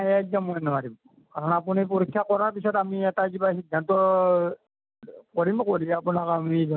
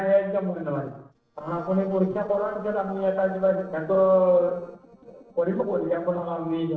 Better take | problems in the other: first | noise reduction (neural separator model SepFormer DNS4)

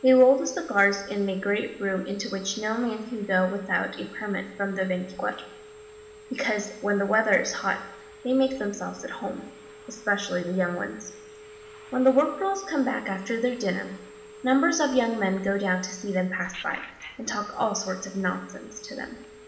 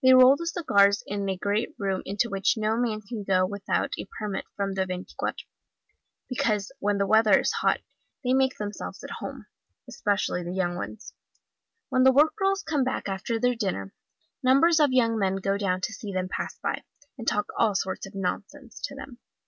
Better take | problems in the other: second | background sound (Telephone); 19 dB below the speech // room echo; dies away in 1 s

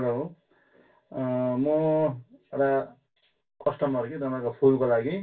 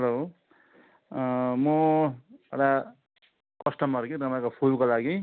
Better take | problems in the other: second | room echo; dies away in 0.2 s

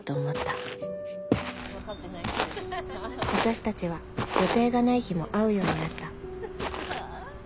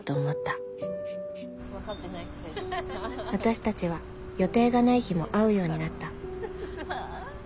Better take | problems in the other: second | background sound (Walk, footsteps); 5 dB below the speech

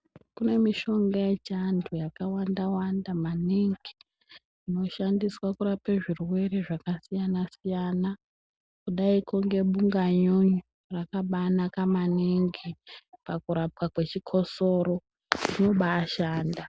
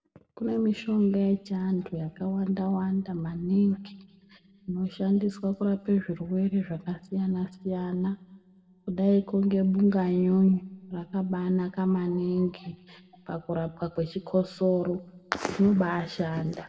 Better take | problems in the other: first | room echo; dies away in 1.3 s

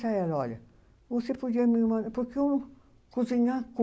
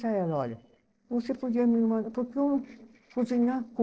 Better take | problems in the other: first | noise reduction (neural separator model SepFormer DNS4)

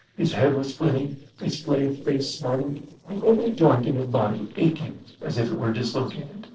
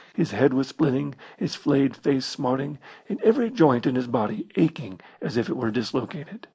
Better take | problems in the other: second | noise reduction (neural separator model SepFormer DNS4)

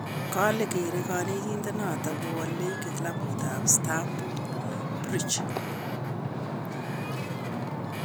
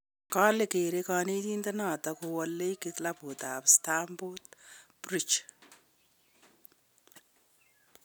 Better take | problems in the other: second | background sound (Wind / Ocean); 1 dB above the speech

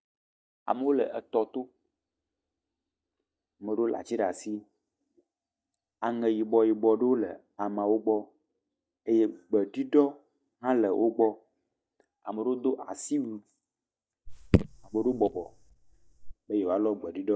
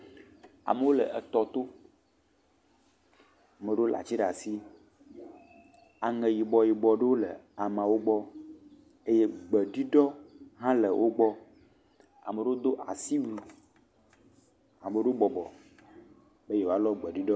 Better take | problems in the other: second | noise reduction (neural mask model DeepFilterNet 3)

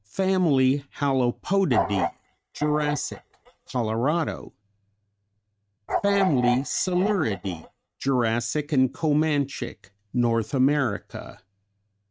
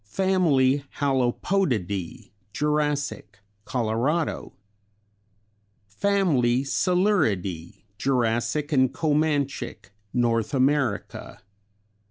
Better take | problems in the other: second | noise reduction (neural mask model RNNoise)

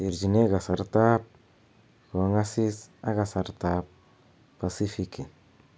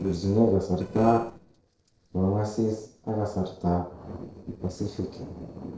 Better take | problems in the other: first | noise reduction (neural separator model SepFormer DNS4)

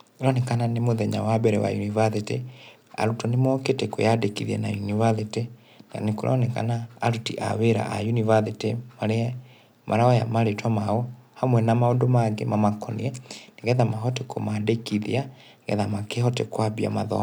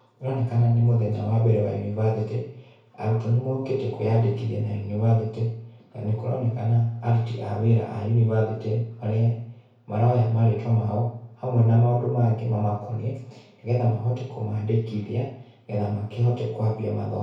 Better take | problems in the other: first | room echo; dies away in 0.6 s

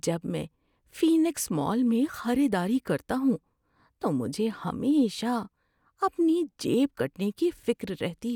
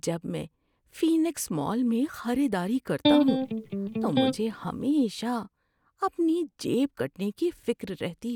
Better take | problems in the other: first | background sound (Electric guitar); 2 dB above the speech

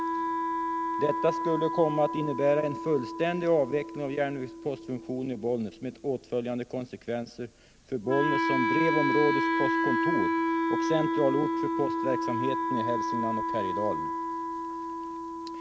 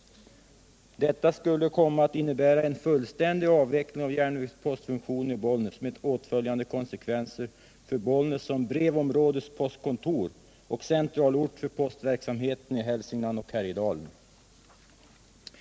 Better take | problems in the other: second | background sound (Wind instrument, woodwind instrument); as loud as the speech

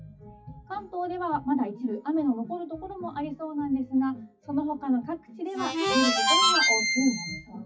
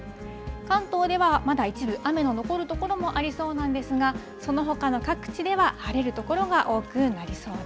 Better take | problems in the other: second | noise reduction (classical method WPE with log-MMSE)

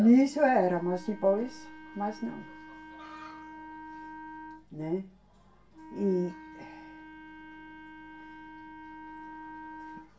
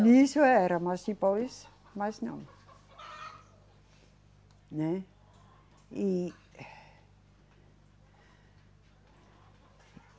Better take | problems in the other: second | background sound (Wind instrument, woodwind instrument); 16 dB below the speech // room echo; dies away in 0.2 s

